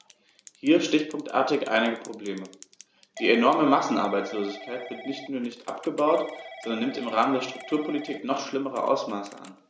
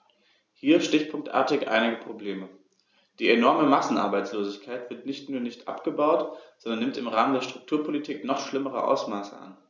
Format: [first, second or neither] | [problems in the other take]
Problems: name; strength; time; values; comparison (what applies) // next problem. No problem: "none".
second | background sound (Telephone / Typing); 18 dB below the speech